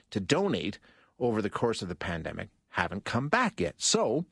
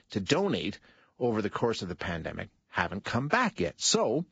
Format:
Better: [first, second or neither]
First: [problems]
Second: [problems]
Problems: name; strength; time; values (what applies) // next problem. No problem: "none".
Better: first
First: garbled, watery; slightly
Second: garbled, watery; badly; nothing above 7.5 kHz